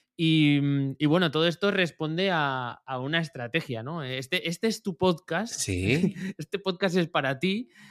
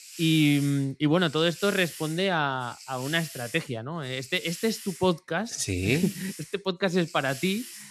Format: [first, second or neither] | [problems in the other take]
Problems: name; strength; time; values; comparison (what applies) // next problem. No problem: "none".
first | hiss; noticeable; throughout; 15 dB below the speech